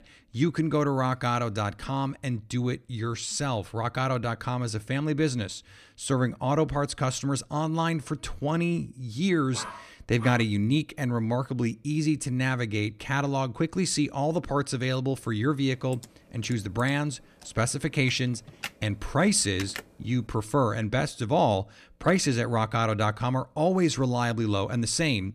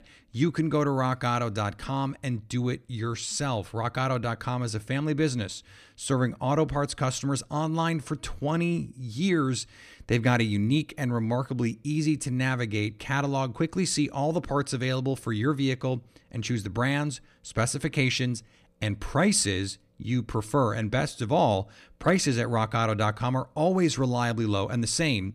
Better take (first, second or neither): second